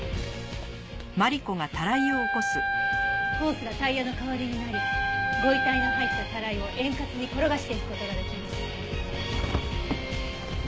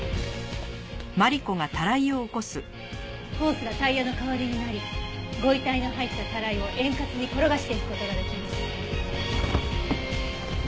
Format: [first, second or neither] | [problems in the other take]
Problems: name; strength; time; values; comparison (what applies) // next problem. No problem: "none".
second | background sound (Wind instrument, woodwind instrument); 1 dB above the speech